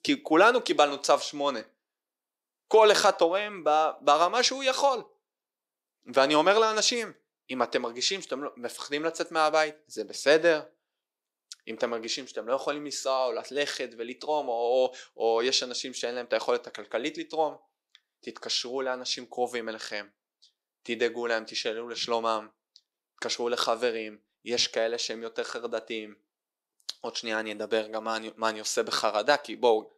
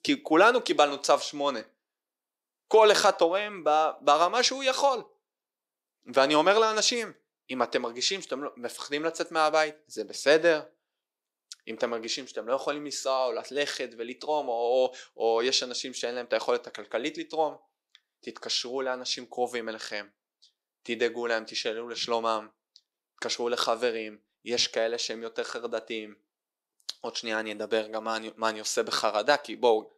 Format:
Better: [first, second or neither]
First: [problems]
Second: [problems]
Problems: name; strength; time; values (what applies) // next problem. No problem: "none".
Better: neither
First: thin; somewhat; fading below 350 Hz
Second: thin; somewhat; fading below 350 Hz